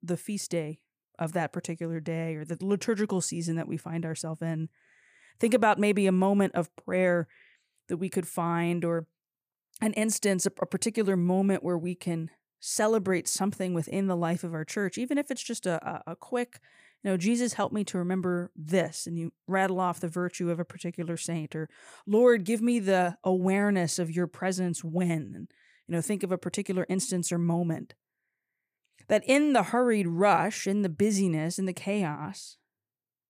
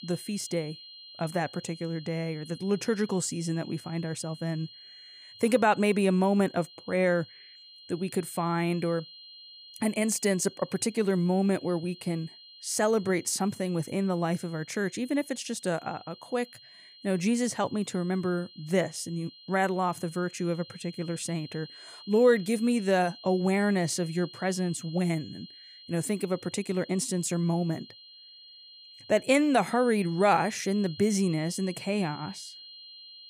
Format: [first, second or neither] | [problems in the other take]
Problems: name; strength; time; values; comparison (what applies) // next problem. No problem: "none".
first | high-pitched whine; noticeable; throughout; 4 kHz, 20 dB below the speech